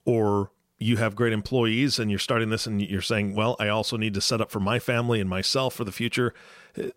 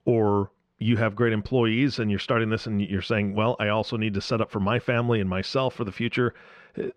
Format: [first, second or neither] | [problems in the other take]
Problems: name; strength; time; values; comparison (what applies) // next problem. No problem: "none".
first | muffled; slightly; fading above 3 kHz